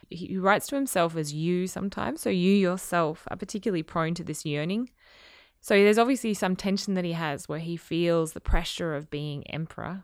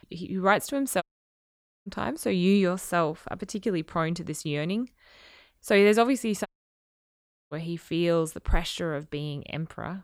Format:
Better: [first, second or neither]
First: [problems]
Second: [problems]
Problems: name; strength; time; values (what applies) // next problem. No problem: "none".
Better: first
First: none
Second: audio cutting out; at 1 s for 1 s and at 6.5 s for 1 s